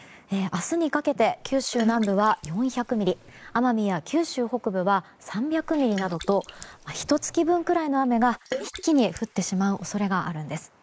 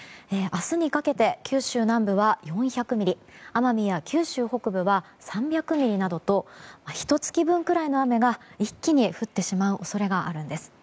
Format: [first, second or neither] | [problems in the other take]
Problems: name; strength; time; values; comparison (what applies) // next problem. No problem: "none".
second | noise reduction (neural mask model Resemble Enhance denoiser)